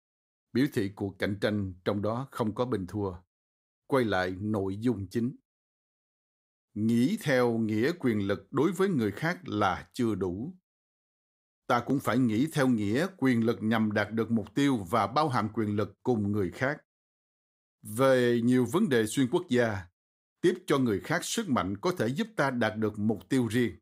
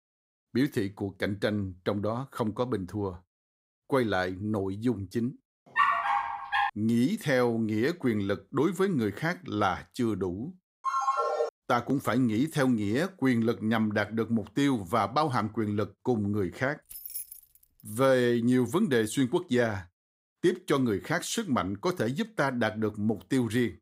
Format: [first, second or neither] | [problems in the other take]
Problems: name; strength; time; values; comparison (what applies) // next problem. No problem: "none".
first | dog barking; loud; at 6 s; peak 4 dB above the speech // phone ringing; loud; at 11 s; peak 1 dB above the speech // jangling keys; noticeable; at 17 s; peak 8 dB below the speech